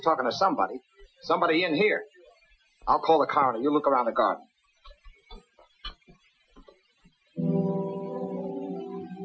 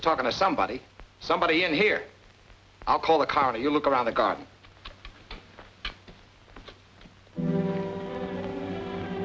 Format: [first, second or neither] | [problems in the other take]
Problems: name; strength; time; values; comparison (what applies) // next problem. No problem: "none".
second | noise reduction (classical method Wiener filter)